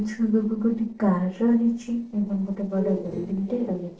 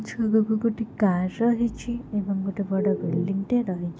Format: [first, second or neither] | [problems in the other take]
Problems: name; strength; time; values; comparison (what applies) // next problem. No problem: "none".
second | noise reduction (neural separator model SepFormer DNS4)